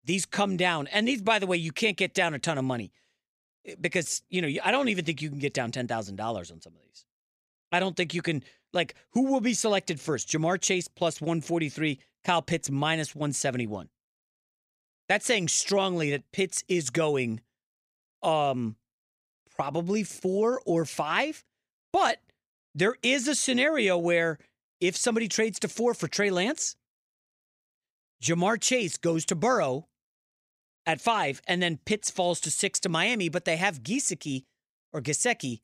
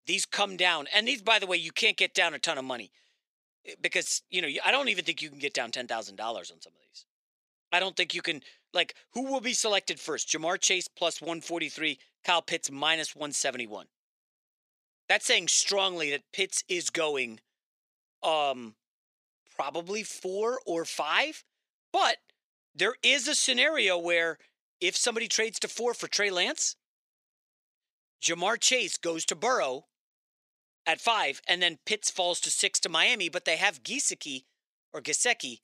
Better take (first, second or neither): first